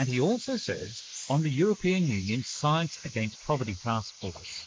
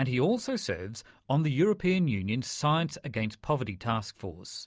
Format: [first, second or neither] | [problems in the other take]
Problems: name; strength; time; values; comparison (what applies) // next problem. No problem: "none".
second | noise reduction (neural mask model Resemble Enhance denoiser)